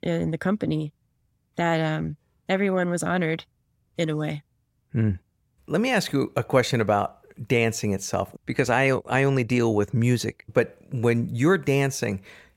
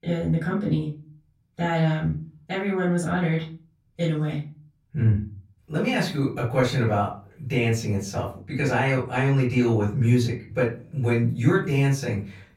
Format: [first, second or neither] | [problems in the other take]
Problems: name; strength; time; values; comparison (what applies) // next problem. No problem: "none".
first | off-mic speech; far // room echo; slight; dies away in 0.3 s